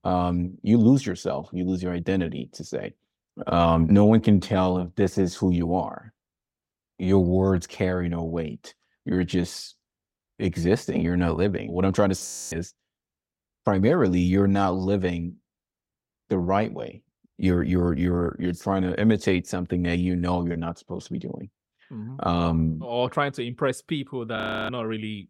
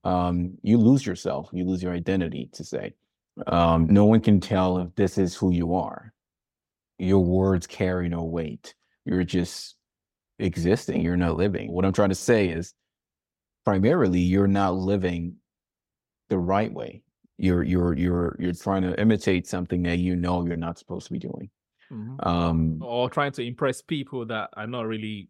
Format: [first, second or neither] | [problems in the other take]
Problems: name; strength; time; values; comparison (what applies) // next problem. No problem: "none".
second | audio freezing; at 12 s and at 24 s